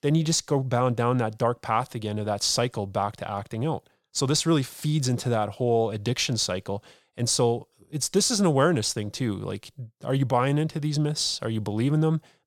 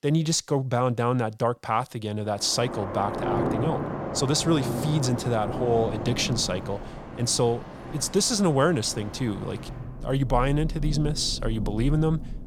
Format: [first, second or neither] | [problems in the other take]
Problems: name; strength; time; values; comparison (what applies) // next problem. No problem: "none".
first | rain or running water; loud; from 2.5 s on; 8 dB below the speech